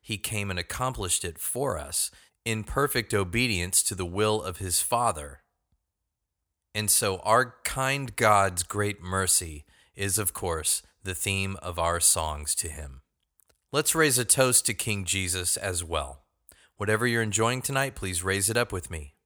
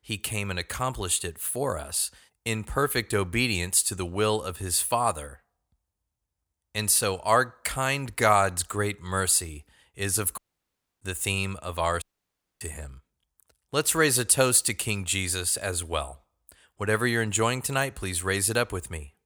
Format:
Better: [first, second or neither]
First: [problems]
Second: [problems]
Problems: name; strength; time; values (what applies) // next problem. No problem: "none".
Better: first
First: none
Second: audio cutting out; at 10 s for 0.5 s and at 12 s for 0.5 s